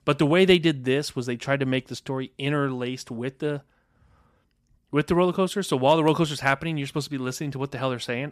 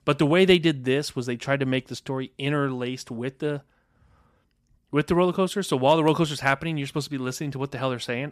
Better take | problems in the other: neither | none

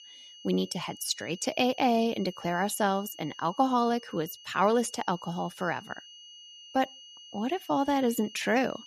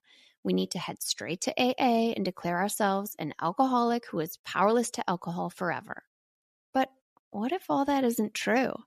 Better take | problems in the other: second | high-pitched whine; noticeable; throughout; 3 kHz, 20 dB below the speech

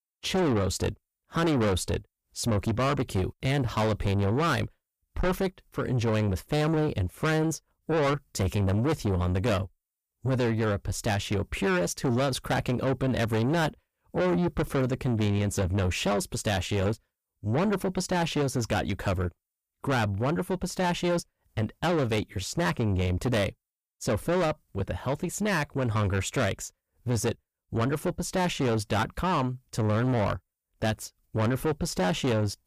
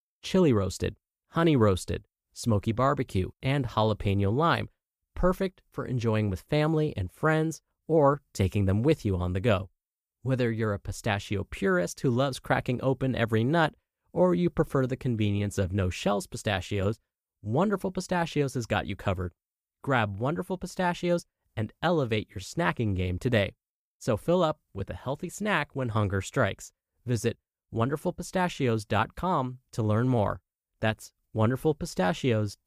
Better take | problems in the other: second | distortion; heavy; 7 dB below the speech

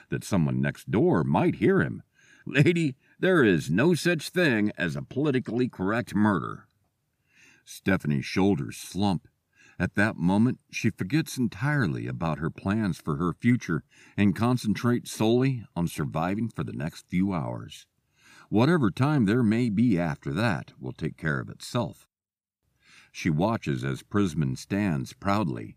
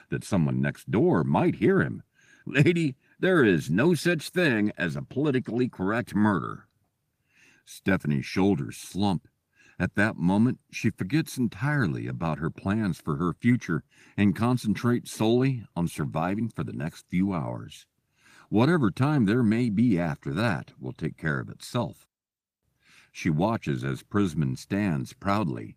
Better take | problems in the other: first | garbled, watery; slightly; nothing above 15 kHz

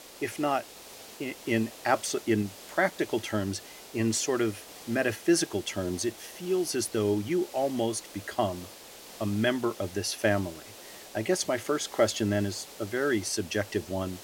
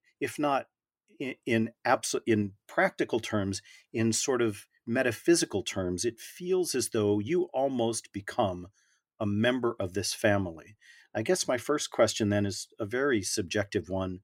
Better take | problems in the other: second | hiss; noticeable; throughout; 15 dB below the speech

